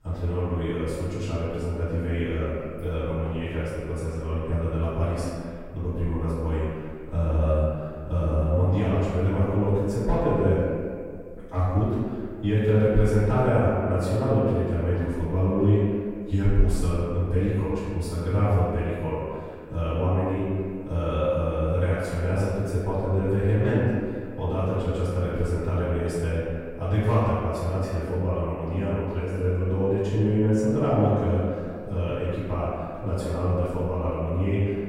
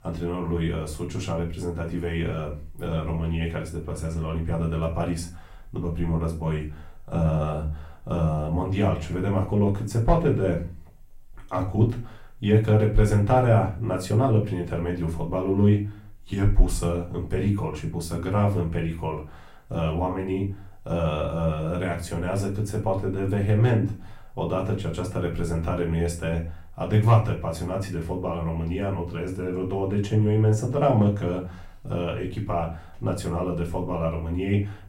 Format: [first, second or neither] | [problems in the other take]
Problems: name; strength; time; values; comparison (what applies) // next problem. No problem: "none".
second | room echo; strong; dies away in 2 s; slight in the second // off-mic speech; far; far in the second